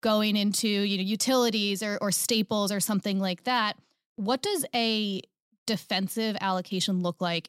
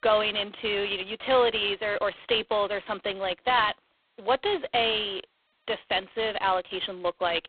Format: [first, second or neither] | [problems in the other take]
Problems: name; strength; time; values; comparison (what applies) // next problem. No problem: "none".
first | phone-call audio; poor line